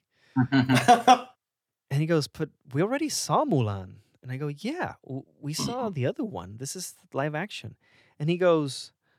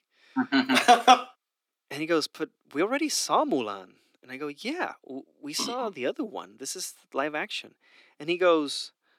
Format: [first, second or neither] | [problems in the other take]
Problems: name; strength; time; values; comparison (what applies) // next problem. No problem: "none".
first | thin; very slightly; fading below 300 Hz